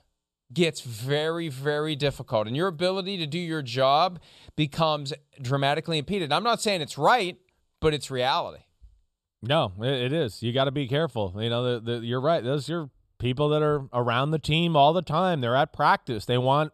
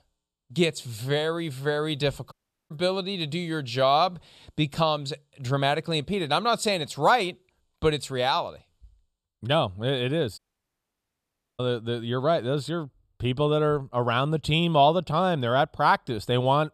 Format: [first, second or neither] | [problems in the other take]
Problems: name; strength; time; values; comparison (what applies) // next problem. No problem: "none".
first | audio cutting out; at 2.5 s and at 10 s for 1 s